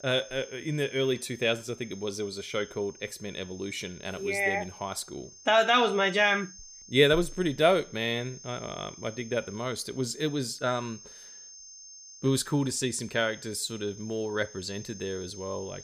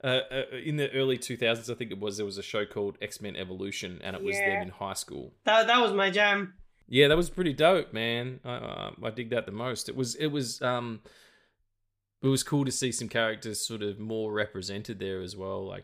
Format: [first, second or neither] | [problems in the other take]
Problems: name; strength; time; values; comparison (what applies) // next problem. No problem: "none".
second | high-pitched whine; noticeable; throughout; 6.5 kHz, 20 dB below the speech